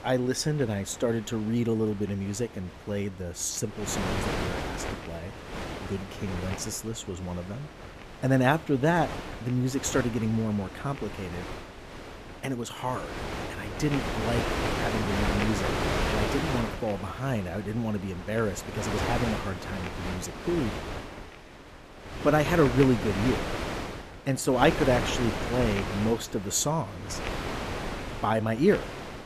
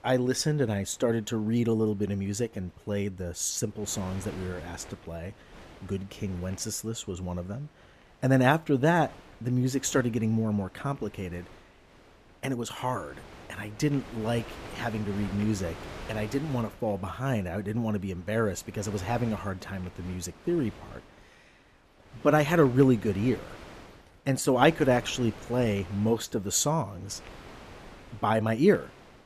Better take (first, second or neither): second